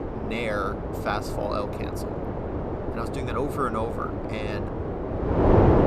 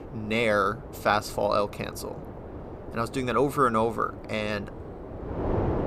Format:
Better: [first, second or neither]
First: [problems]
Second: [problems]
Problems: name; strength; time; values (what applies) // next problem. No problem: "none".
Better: second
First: wind noise on the microphone; heavy; as loud as the speech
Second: wind noise on the microphone; occasional gusts; 15 dB below the speech